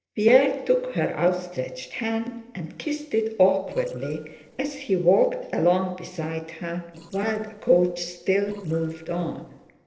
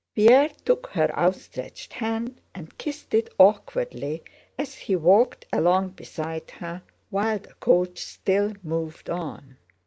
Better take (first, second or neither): second